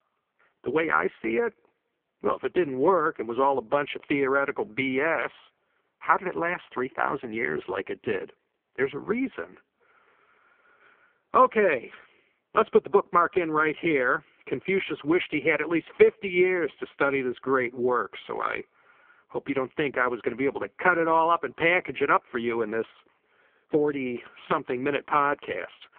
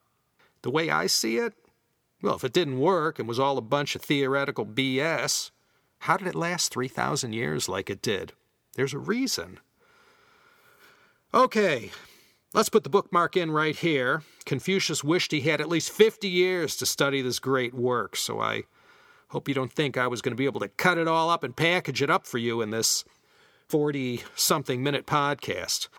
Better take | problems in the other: second | phone-call audio; poor line

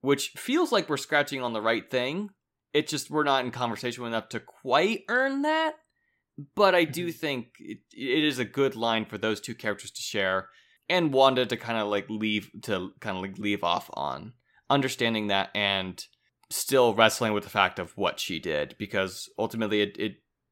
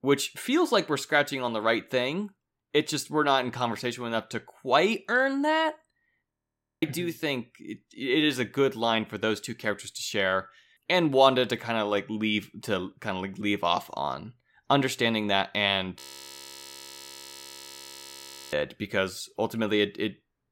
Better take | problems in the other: first | audio freezing; at 6.5 s for 0.5 s and at 16 s for 2.5 s

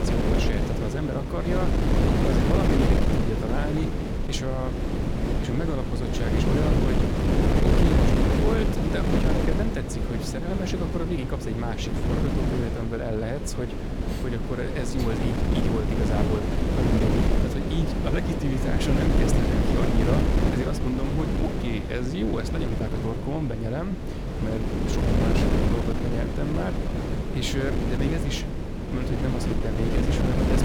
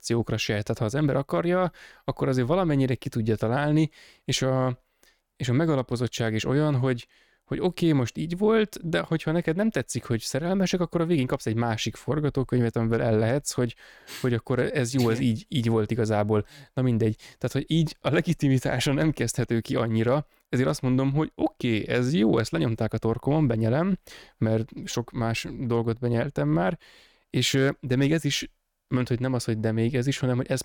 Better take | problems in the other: second | wind noise on the microphone; heavy; 3 dB above the speech

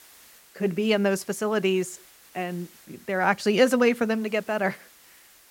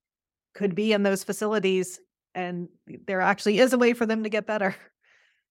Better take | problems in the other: second | hiss; faint; throughout; 25 dB below the speech

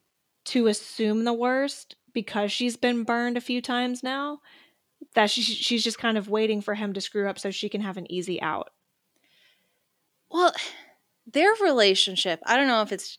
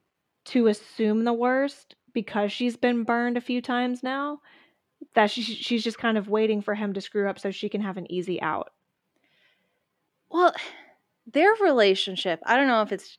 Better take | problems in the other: first | muffled; slightly; fading above 3.5 kHz

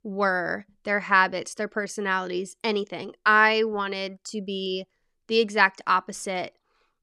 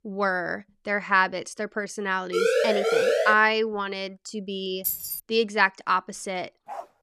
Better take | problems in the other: first | siren; loud; from 2.5 to 3.5 s; peak 4 dB above the speech // jangling keys; noticeable; at 5 s; peak 2 dB below the speech // dog barking; faint; at 6.5 s; peak 15 dB below the speech

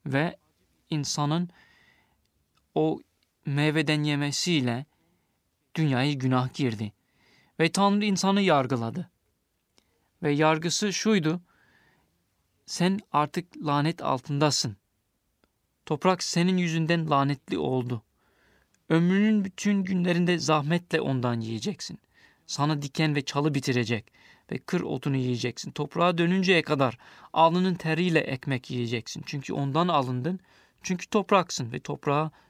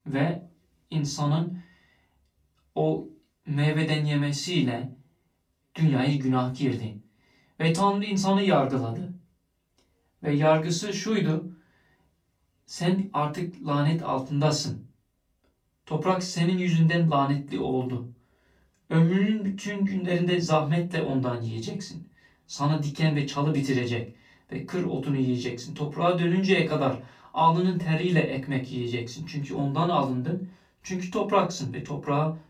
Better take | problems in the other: first | off-mic speech; far // room echo; very slight; dies away in 0.2 s

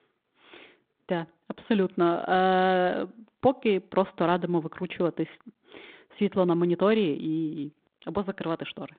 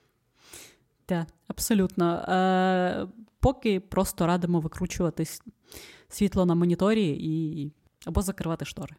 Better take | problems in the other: second | phone-call audio; nothing above 3.5 kHz

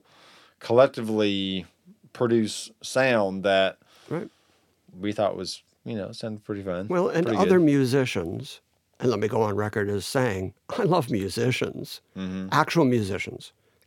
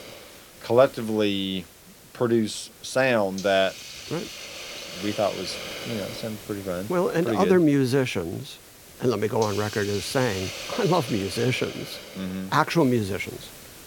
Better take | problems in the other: first | hiss; noticeable; throughout; 15 dB below the speech

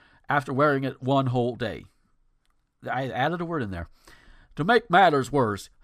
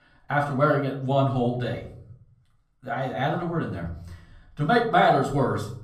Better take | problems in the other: first | off-mic speech; far // room echo; slight; dies away in 0.6 s

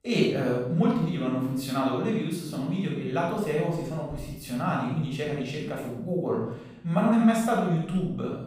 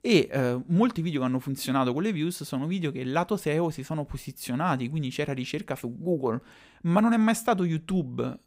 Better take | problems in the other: second | off-mic speech; far // room echo; strong; dies away in 0.7 s

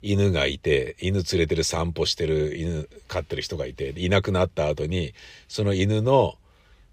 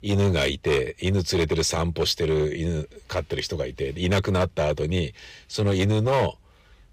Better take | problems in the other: first | distortion; slight; 8% of the sound clipped

